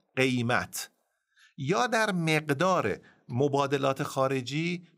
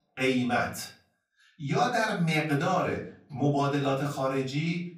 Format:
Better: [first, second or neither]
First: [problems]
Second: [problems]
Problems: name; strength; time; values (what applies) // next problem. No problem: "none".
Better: first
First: none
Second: off-mic speech; far // room echo; slight; dies away in 0.4 s